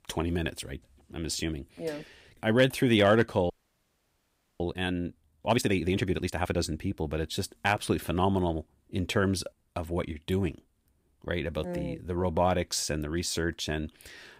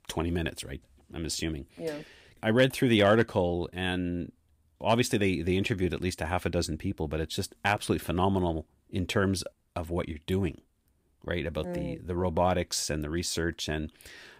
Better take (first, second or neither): second